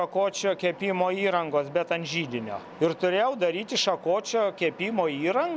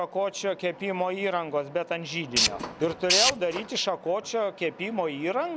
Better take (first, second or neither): first